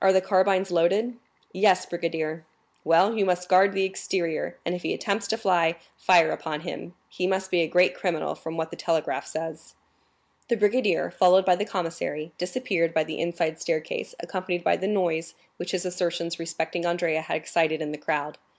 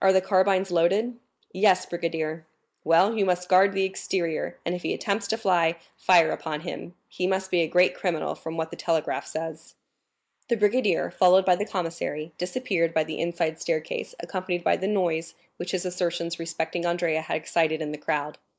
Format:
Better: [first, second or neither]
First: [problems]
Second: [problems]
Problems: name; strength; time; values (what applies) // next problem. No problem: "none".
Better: first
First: none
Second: noise reduction (neural mask model Resemble Enhance denoiser)